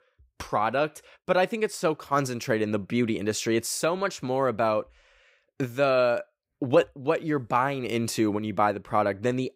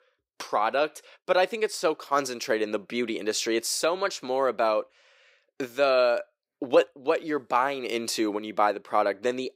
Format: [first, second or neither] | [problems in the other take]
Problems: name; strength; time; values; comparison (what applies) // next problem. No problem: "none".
first | thin; somewhat; fading below 400 Hz